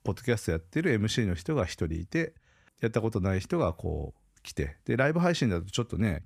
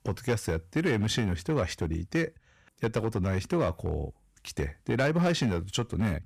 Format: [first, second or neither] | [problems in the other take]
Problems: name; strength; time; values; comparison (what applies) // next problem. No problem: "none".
first | distortion; slight; 6% of the sound clipped